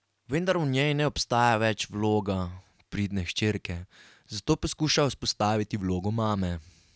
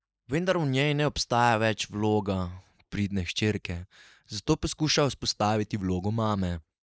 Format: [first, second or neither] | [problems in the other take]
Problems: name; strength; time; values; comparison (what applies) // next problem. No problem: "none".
first | noise reduction (neural mask model Resemble Enhance denoiser)